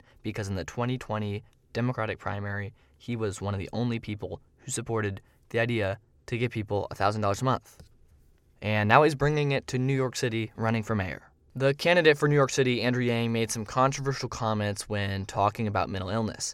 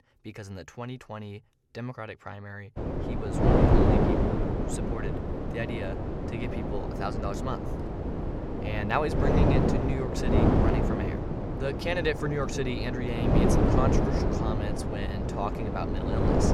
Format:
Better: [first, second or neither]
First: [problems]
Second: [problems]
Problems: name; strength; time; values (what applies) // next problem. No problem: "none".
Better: first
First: none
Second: wind noise on the microphone; heavy; from 3 s on; 3 dB above the speech